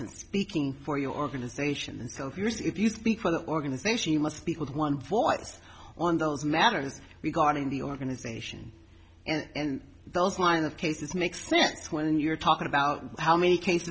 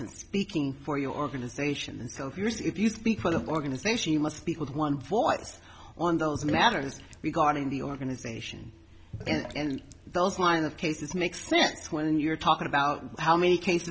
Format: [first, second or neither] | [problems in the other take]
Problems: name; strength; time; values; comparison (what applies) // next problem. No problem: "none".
first | background sound (Sink (filling or washing)); 14 dB below the speech